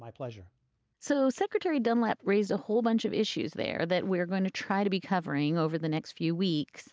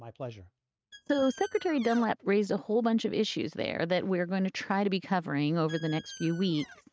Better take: first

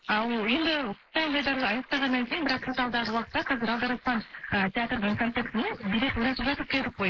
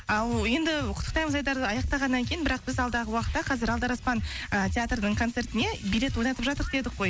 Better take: second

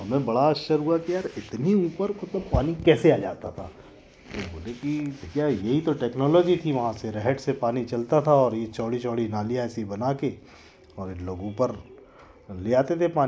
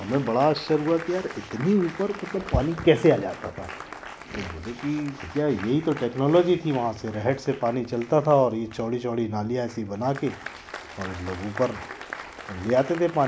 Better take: first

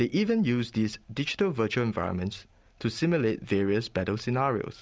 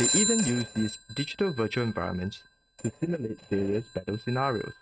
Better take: first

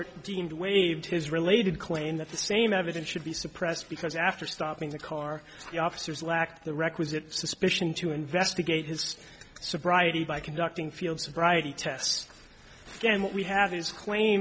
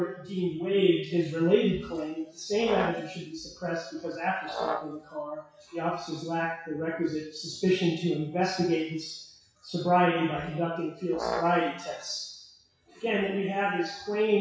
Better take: first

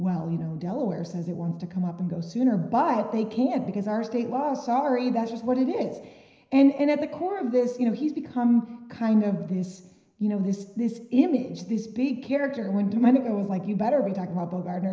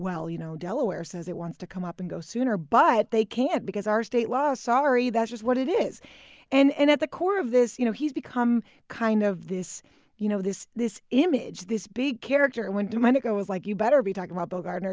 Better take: second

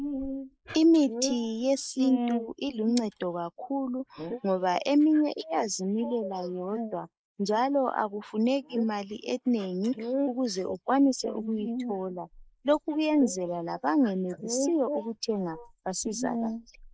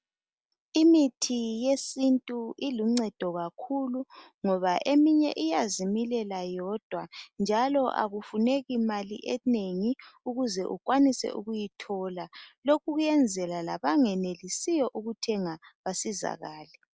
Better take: second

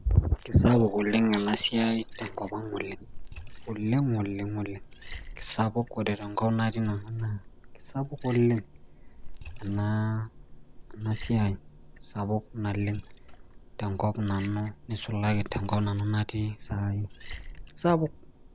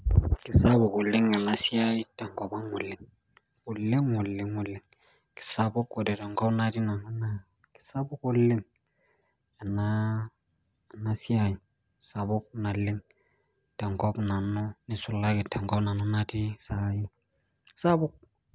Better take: second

